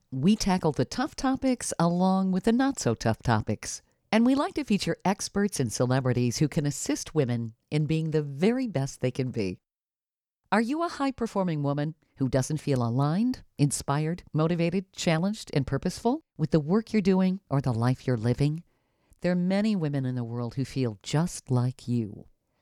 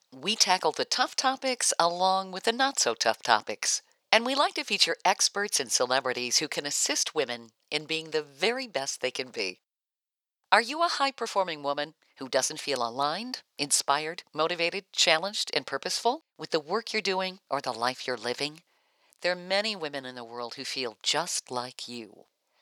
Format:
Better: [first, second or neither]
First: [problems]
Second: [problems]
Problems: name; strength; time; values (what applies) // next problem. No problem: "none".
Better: first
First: none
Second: thin; very; fading below 700 Hz